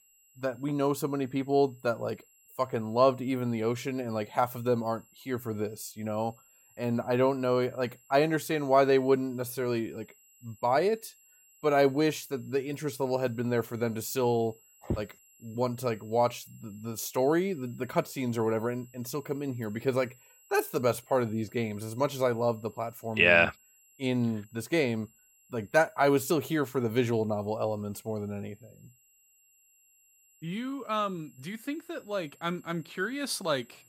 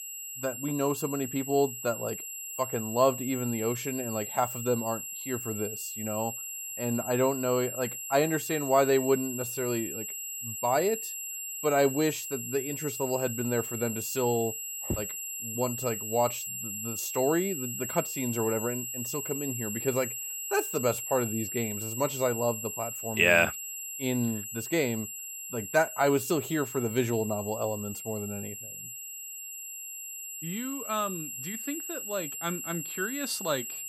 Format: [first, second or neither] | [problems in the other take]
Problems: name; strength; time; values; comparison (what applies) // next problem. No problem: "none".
first | high-pitched whine; loud; throughout; 7.5 kHz, 5 dB below the speech; faint in the first